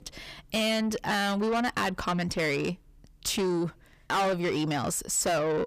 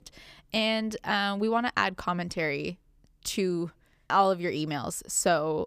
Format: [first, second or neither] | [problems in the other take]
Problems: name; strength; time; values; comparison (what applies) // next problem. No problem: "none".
second | distortion; heavy; 6 dB below the speech